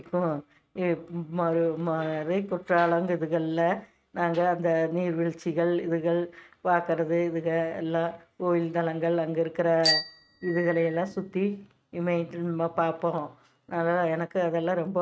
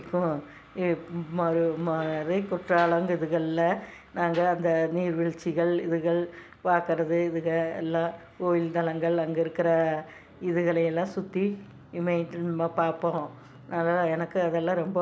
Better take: second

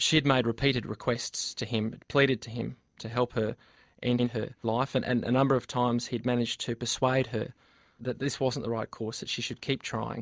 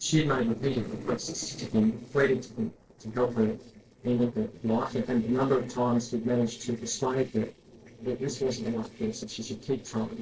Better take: first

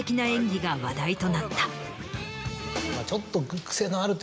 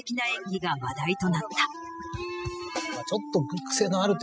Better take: first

